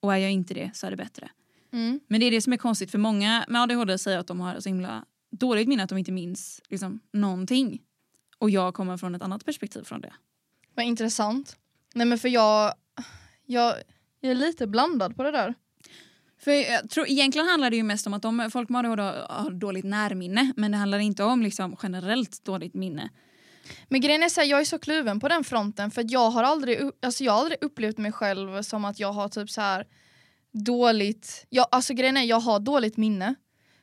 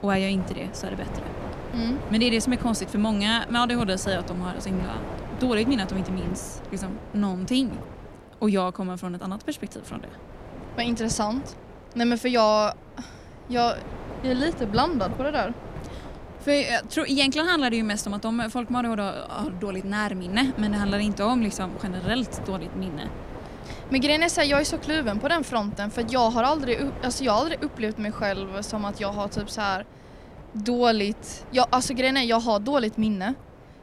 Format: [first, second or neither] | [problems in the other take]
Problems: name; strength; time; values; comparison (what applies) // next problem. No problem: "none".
first | wind noise on the microphone; occasional gusts; 15 dB below the speech